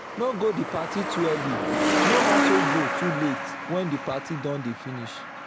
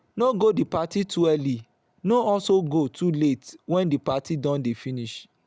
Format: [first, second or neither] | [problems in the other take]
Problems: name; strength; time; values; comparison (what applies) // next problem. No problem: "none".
second | background sound (Truck); 2 dB above the speech